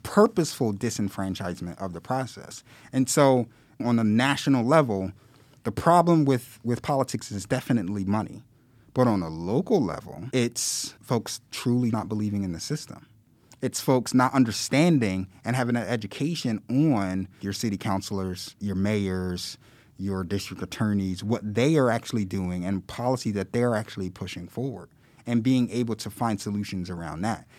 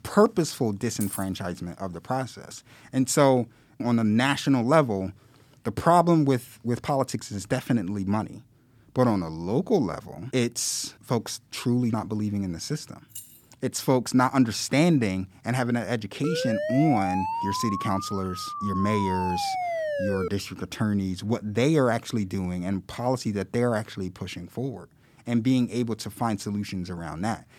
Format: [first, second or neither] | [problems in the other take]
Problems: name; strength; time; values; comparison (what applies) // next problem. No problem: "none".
first | jangling keys; noticeable; at 1 s; peak 9 dB below the speech // jangling keys; faint; at 13 s; peak 15 dB below the speech // siren; noticeable; from 16 to 20 s; peak 2 dB below the speech